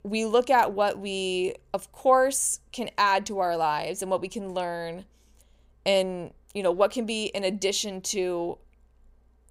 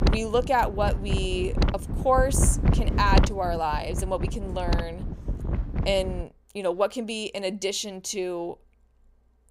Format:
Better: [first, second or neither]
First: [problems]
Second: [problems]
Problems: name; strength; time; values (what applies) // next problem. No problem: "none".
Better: first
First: none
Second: wind noise on the microphone; heavy; until 6 s; 9 dB below the speech